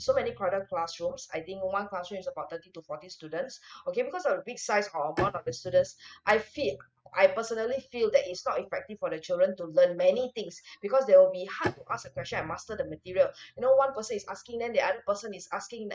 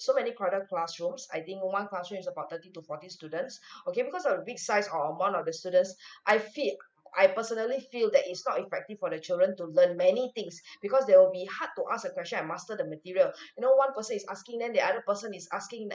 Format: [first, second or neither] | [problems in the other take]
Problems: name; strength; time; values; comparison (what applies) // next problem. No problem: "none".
second | noise reduction (neural mask model RNNoise)